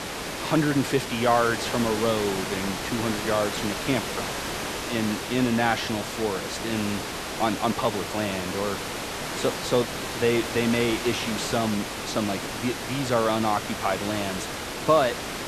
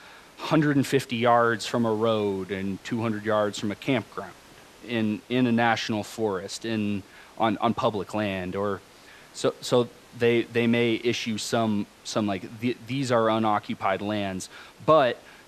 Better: second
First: hiss; loud; throughout; 4 dB below the speech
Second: hiss; faint; throughout; 25 dB below the speech

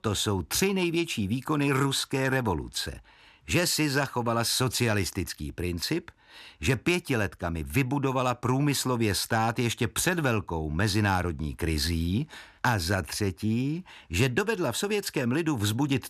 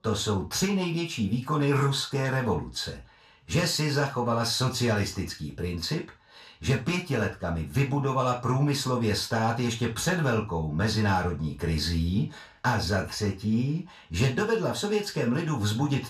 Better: first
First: none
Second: room echo; slight; dies away in 0.3 s // off-mic speech; far

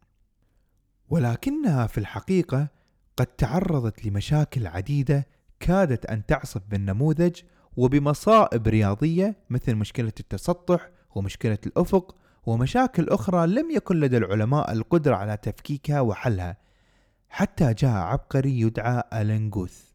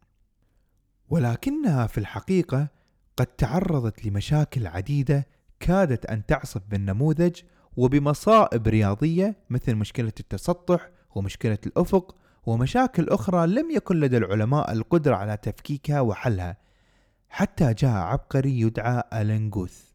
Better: neither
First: none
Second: none

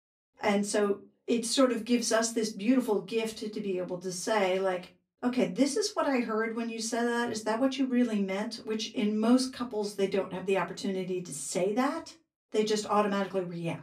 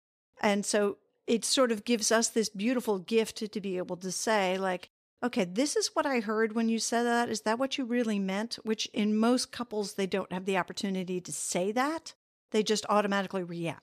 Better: second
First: off-mic speech; far // room echo; very slight; dies away in 0.2 s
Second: none

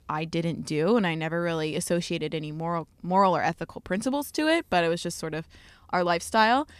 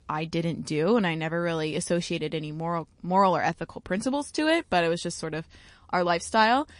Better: first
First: none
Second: garbled, watery; slightly; nothing above 10.5 kHz

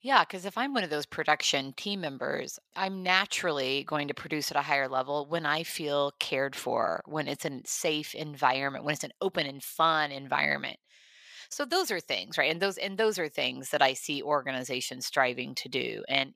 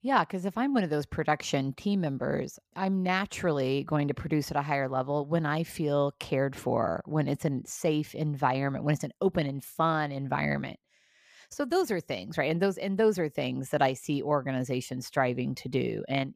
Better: second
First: thin; somewhat; fading below 1 kHz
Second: none

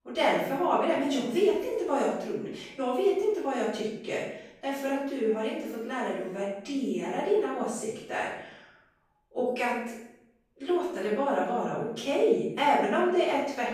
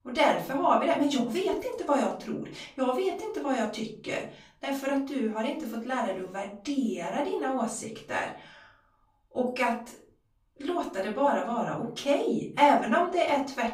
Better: second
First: room echo; strong; dies away in 0.7 s // off-mic speech; far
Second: room echo; slight; dies away in 0.4 s // off-mic speech; far

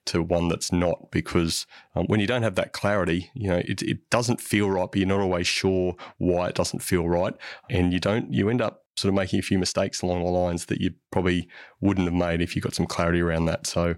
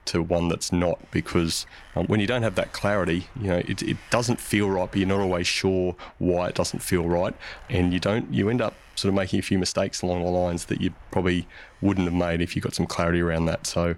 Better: first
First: none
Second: wind noise on the microphone; occasional gusts; 25 dB below the speech

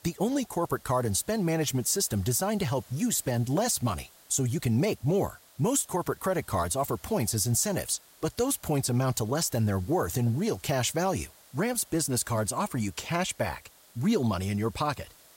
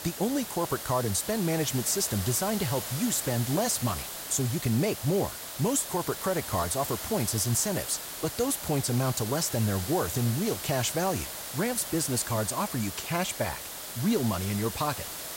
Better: first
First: hiss; faint; throughout; 25 dB below the speech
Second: hiss; loud; throughout; 6 dB below the speech

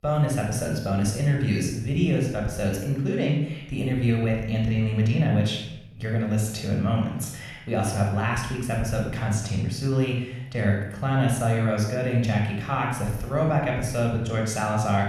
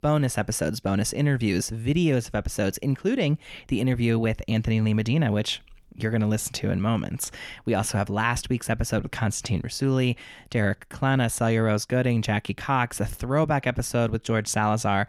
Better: second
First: off-mic speech; somewhat distant // room echo; noticeable; dies away in 0.7 s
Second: none

